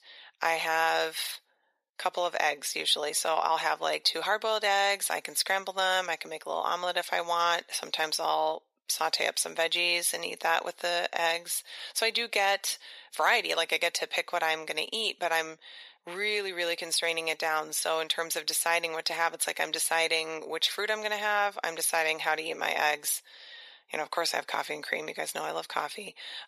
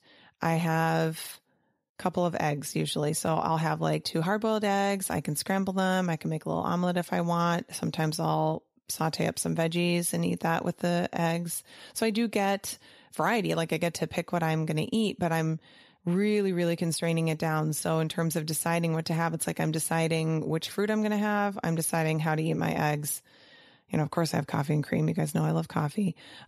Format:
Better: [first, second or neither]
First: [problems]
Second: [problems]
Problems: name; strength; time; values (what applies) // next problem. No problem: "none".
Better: second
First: thin; very; fading below 550 Hz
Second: none